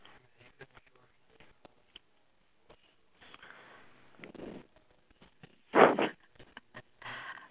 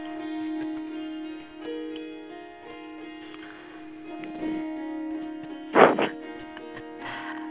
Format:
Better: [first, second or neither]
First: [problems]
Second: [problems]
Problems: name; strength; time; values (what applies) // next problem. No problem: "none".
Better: first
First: none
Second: background sound (Harp); 5 dB below the speech